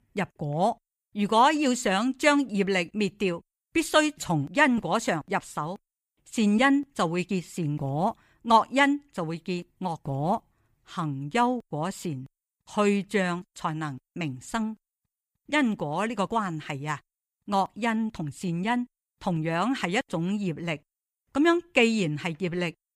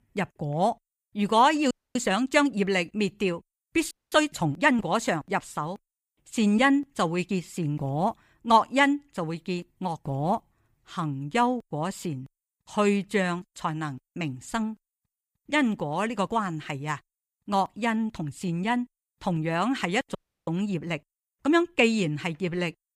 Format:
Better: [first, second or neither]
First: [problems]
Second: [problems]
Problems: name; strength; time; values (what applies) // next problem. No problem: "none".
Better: first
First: none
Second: audio freezing; at 1.5 s, at 4 s and at 20 s